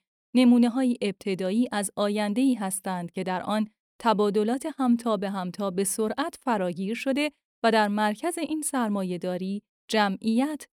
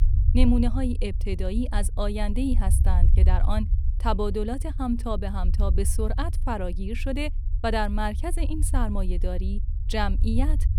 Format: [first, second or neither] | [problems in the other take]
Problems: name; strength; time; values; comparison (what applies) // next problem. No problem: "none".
first | low rumble; noticeable; throughout; 15 dB below the speech